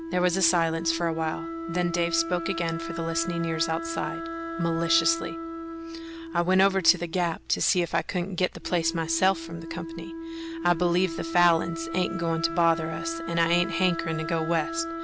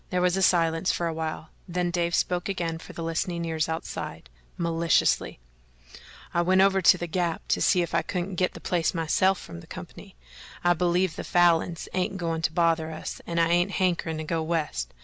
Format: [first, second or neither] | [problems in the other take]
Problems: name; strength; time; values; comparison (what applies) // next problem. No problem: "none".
second | background sound (Wind instrument, woodwind instrument); 7 dB below the speech